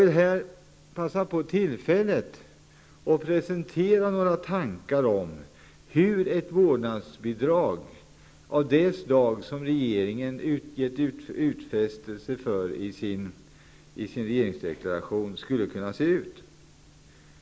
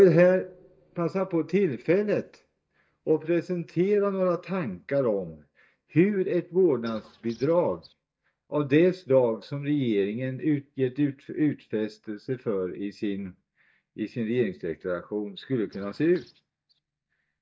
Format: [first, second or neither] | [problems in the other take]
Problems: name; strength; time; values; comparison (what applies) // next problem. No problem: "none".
first | noise reduction (neural mask model DeepFilterNet 3)